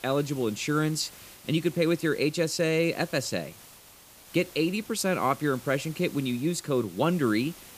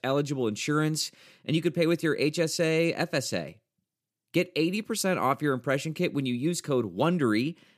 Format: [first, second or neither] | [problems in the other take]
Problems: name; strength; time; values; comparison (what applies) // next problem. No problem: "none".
second | hiss; noticeable; throughout; 20 dB below the speech